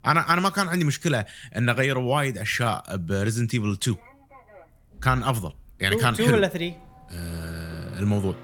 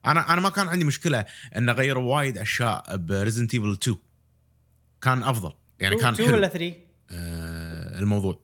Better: second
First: household noises; faint; throughout; 20 dB below the speech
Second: none

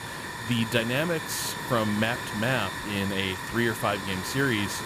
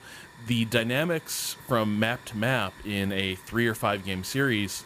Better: second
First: hiss; loud; throughout; 6 dB below the speech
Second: hiss; faint; throughout; 20 dB below the speech

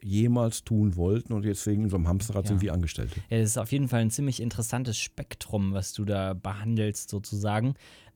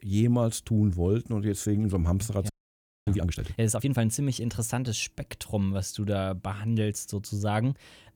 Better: first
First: none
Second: audio freezing; at 2.5 s for 0.5 s

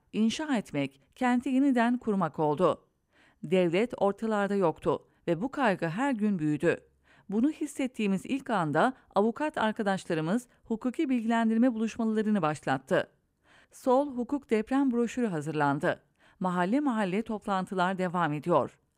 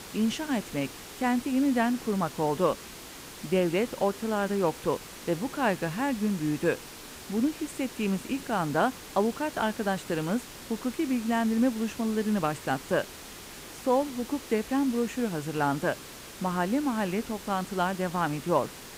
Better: first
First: none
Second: hiss; noticeable; throughout; 15 dB below the speech

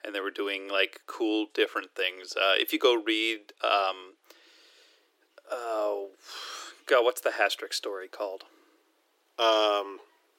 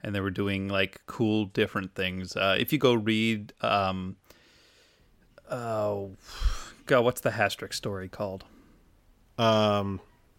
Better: second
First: thin; very; fading below 300 Hz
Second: none

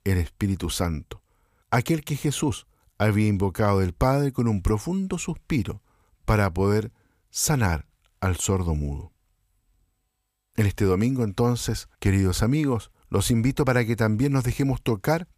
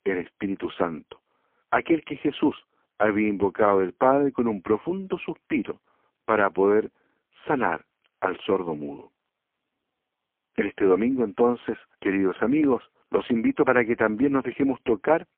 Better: first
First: none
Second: phone-call audio; poor line; nothing above 3 kHz

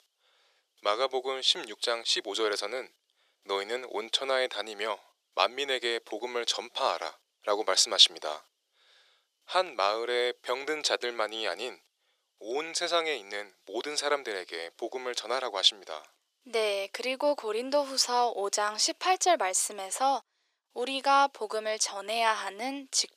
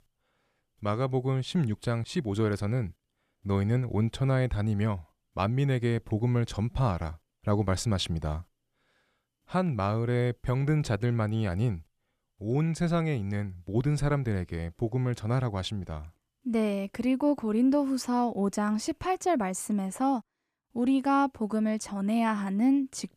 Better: second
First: thin; very; fading below 400 Hz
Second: none

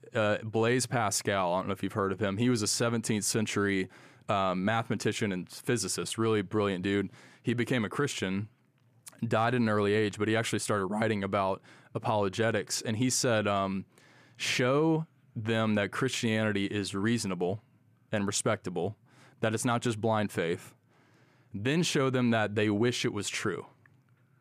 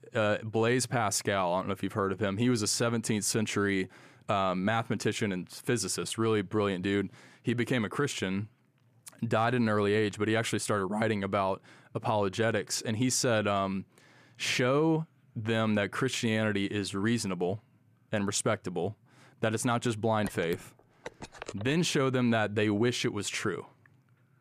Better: first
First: none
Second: phone ringing; faint; from 20 to 22 s; peak 15 dB below the speech

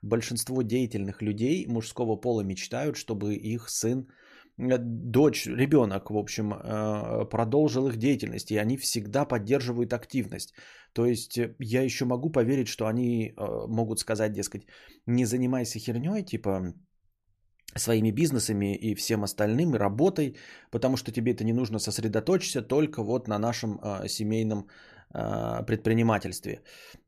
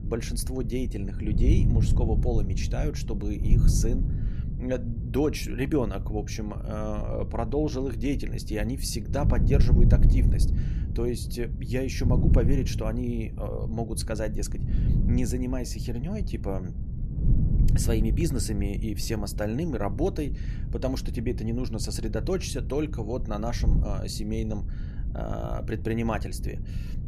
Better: first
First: none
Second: wind noise on the microphone; heavy; 9 dB below the speech

